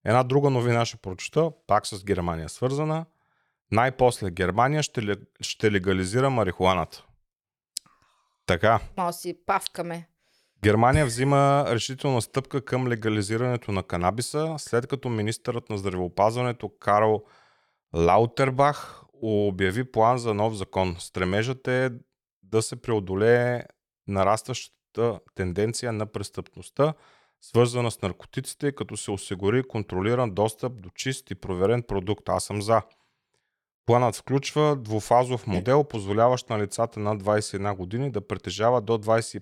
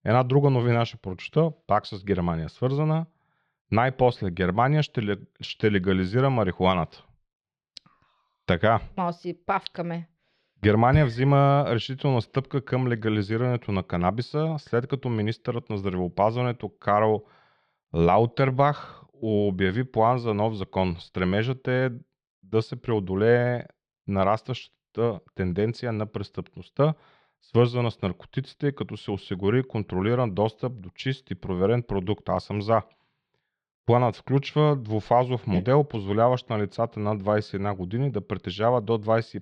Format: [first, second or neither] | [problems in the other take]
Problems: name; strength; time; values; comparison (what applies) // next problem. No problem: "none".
first | muffled; very slightly; fading above 4 kHz